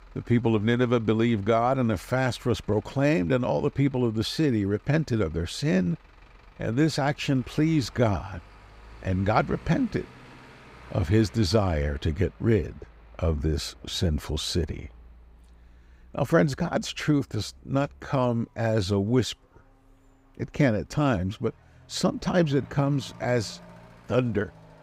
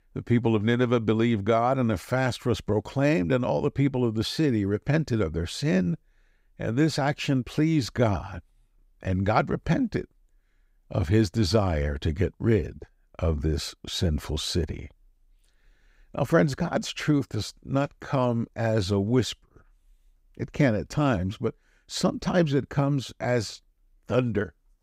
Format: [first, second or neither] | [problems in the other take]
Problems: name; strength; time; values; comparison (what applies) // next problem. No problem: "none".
second | traffic noise; faint; throughout; 25 dB below the speech